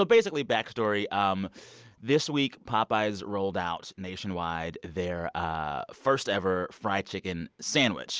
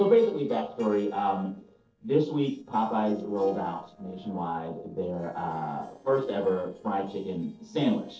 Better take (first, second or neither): first